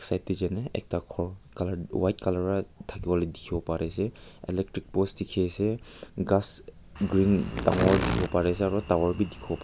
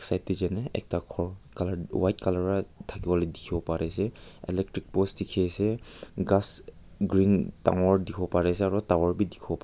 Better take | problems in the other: second | background sound (Insect); 5 dB below the speech

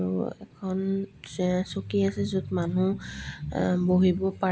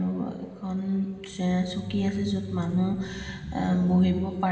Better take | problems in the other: first | room echo; dies away in 2.9 s

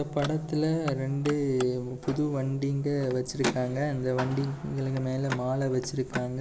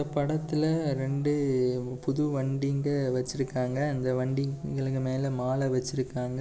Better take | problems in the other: second | background sound (Car); 11 dB below the speech

